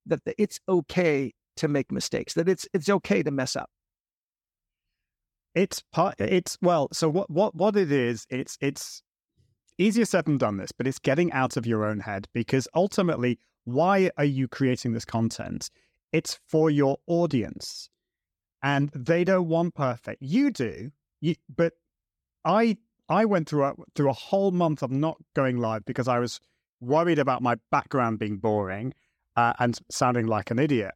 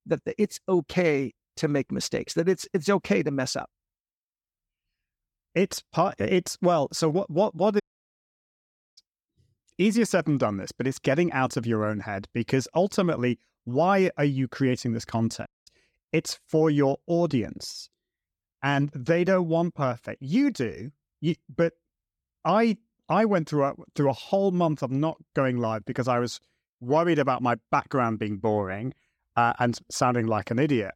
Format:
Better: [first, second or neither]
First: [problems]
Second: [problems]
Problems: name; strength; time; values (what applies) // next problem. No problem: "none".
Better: first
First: none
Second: audio cutting out; at 8 s for 1 s and at 15 s